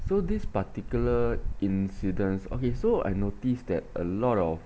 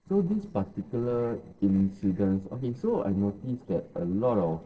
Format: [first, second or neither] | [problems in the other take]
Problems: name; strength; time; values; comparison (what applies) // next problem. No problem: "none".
first | noise reduction (neural separator model SepFormer DNS4)